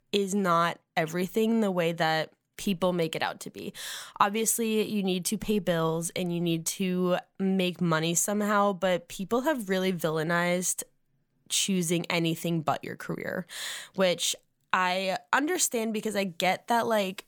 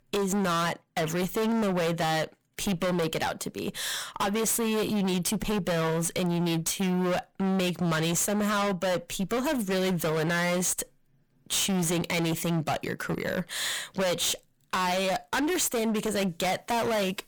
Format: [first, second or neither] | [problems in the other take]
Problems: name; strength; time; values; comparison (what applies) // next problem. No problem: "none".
first | distortion; heavy; 33% of the sound clipped